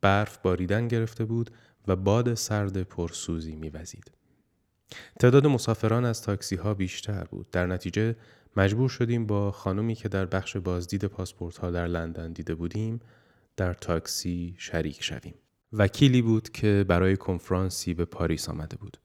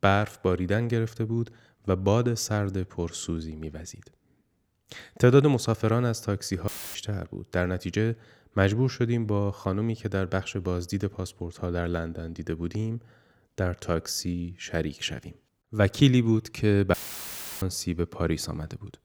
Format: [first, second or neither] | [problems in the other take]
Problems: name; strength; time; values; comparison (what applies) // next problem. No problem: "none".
first | audio cutting out; filled with static; at 6.5 s and at 17 s for 0.5 s